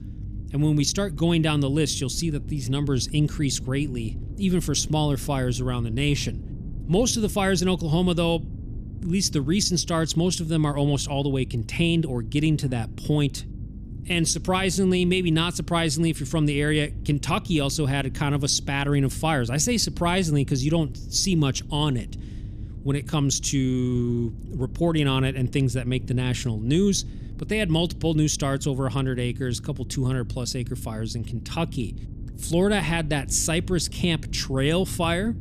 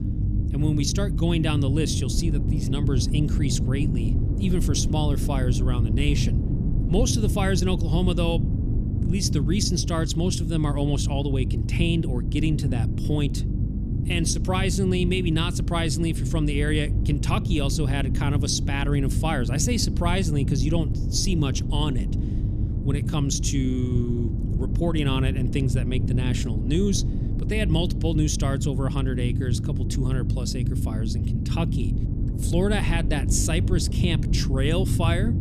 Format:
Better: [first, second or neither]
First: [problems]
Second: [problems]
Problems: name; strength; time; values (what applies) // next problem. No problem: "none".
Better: first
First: low rumble; faint; throughout; 20 dB below the speech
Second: low rumble; loud; throughout; 8 dB below the speech